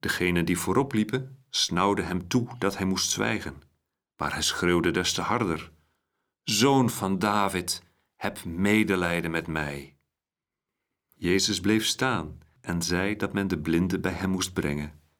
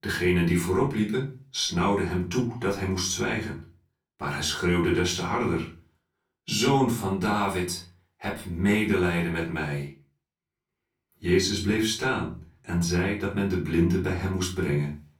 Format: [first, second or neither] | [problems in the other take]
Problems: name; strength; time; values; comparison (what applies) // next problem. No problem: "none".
first | off-mic speech; far // room echo; slight; dies away in 0.3 s